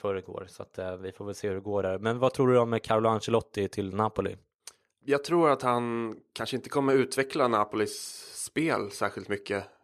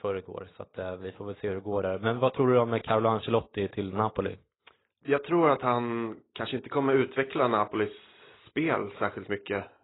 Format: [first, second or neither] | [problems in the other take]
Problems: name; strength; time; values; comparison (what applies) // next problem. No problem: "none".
first | garbled, watery; badly; nothing above 4 kHz